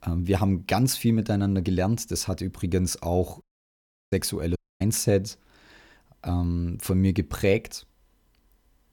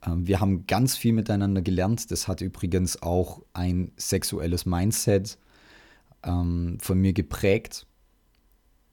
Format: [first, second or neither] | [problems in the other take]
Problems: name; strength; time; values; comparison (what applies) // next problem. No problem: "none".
second | audio cutting out; at 3.5 s for 0.5 s and at 4.5 s